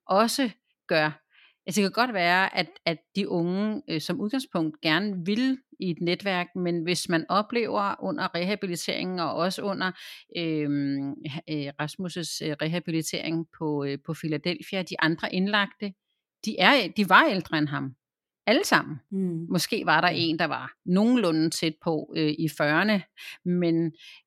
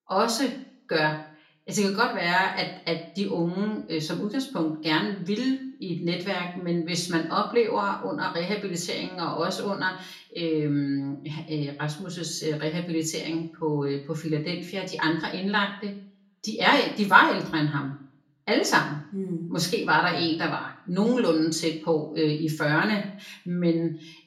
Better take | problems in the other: first | room echo; slight; dies away in 0.4 s // off-mic speech; far

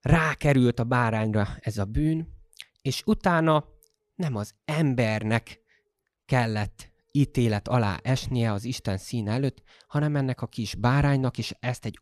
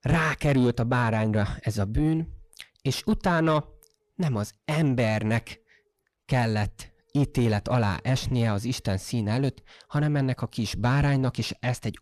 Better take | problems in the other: first | distortion; slight; 10 dB below the speech

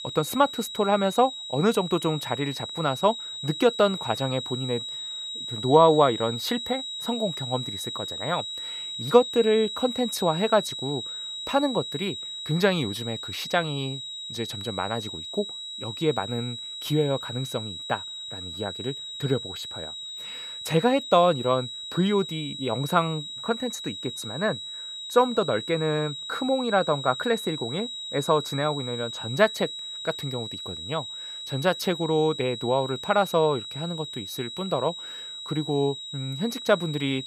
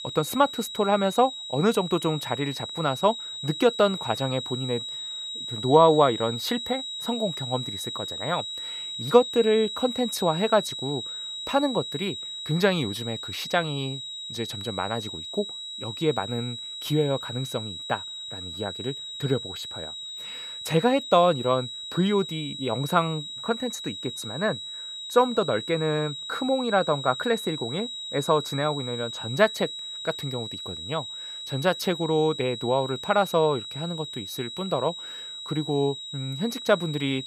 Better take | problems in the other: neither | high-pitched whine; loud; throughout; 4 kHz, 7 dB below the speech; the same in both

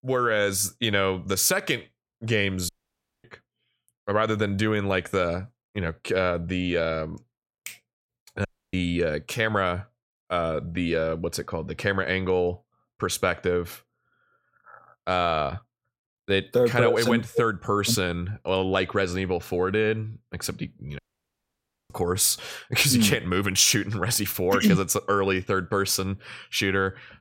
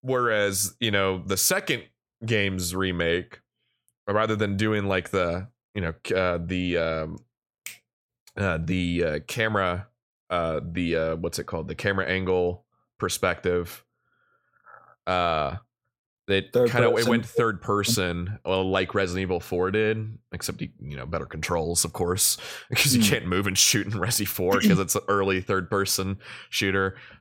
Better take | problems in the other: second | audio cutting out; at 2.5 s for 0.5 s, at 8.5 s and at 21 s for 1 s

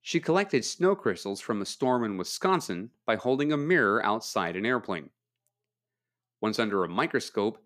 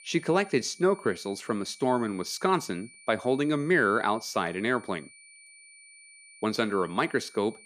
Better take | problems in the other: first | high-pitched whine; faint; throughout; 2.5 kHz, 20 dB below the speech

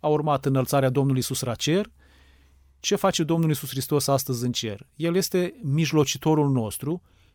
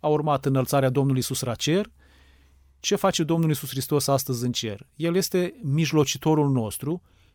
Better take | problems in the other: neither | none

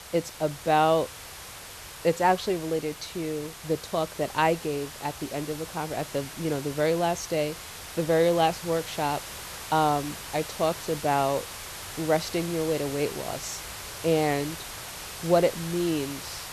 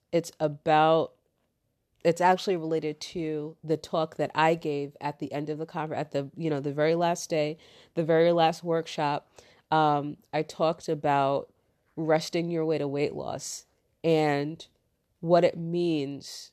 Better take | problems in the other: second | hiss; noticeable; throughout; 10 dB below the speech

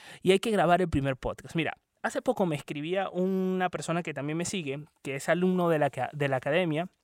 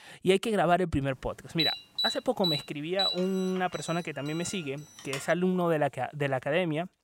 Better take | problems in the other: first | alarm; loud; from 1.5 to 5 s; peak 1 dB above the speech

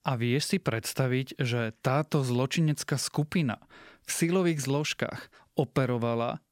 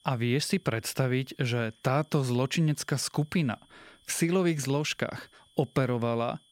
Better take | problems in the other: first | high-pitched whine; faint; throughout; 3.5 kHz, 30 dB below the speech

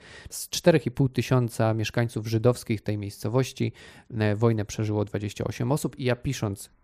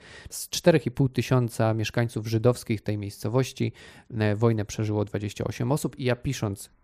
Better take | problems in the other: neither | none

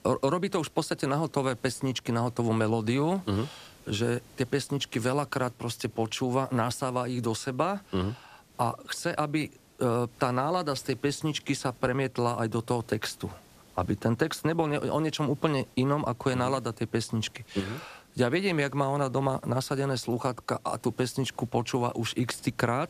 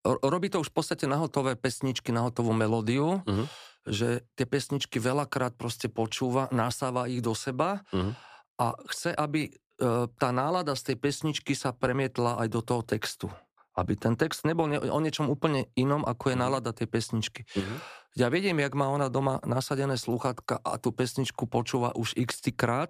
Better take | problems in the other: second | hiss; faint; throughout; 25 dB below the speech

